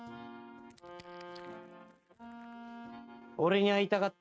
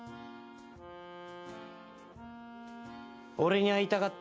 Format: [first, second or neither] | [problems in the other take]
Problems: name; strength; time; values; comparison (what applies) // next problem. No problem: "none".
second | noise reduction (neural mask model RNNoise)